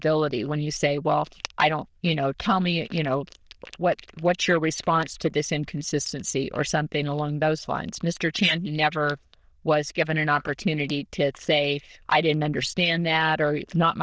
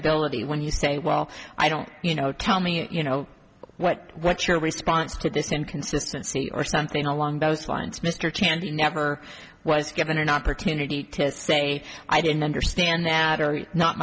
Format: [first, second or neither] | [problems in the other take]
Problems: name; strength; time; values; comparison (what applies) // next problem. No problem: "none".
second | noise reduction (neural diffusion model UNIVERSE++)